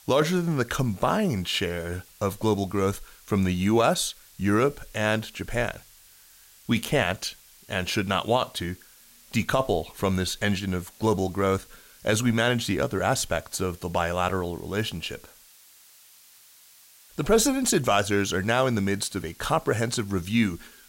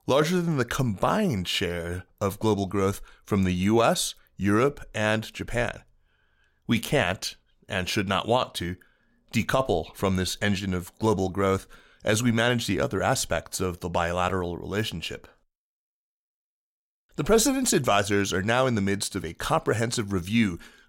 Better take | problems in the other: second | hiss; faint; throughout; 25 dB below the speech

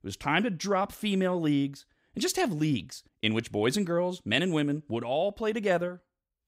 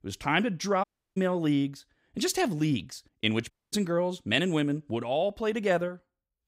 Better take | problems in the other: first | audio cutting out; at 1 s and at 3.5 s

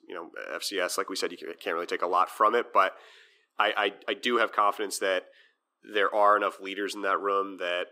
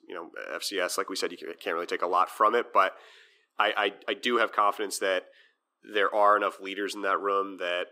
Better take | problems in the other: neither | thin; somewhat; fading below 300 Hz; the same in both

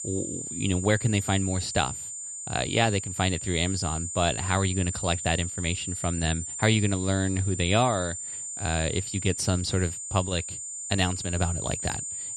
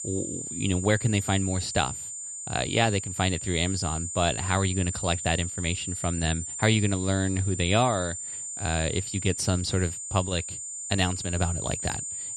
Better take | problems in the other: neither | high-pitched whine; loud; throughout; 7 kHz, 5 dB below the speech; the same in both

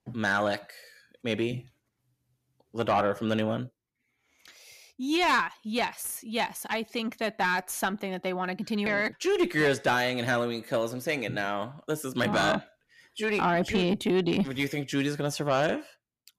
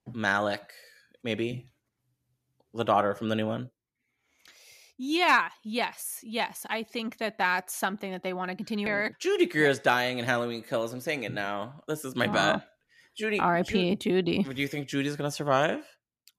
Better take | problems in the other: second | distortion; slight; 10 dB below the speech

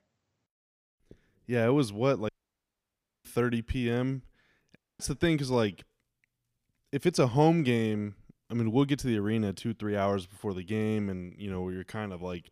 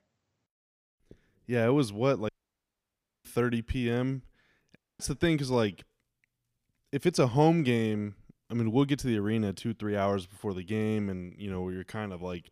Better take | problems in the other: neither | audio cutting out; at 2.5 s for 1 s and at 5 s; the same in both

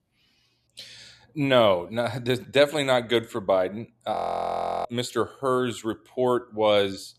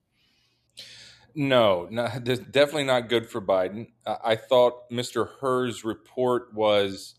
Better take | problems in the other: second | audio freezing; at 4 s for 0.5 s

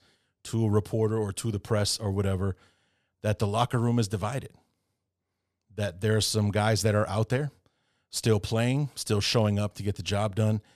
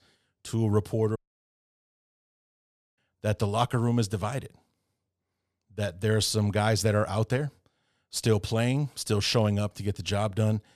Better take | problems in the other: first | audio cutting out; at 1 s for 2 s

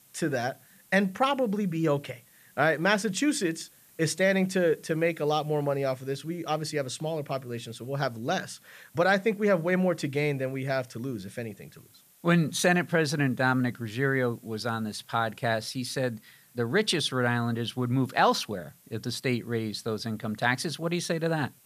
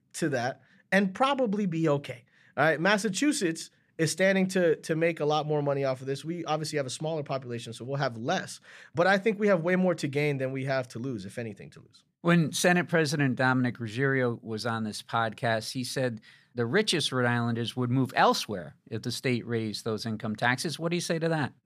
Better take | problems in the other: second | hiss; faint; throughout; 30 dB below the speech

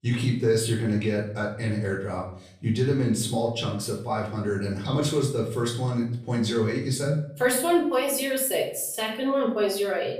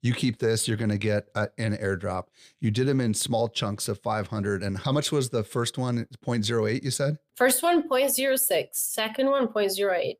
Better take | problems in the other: second | off-mic speech; far // room echo; slight; dies away in 0.5 s

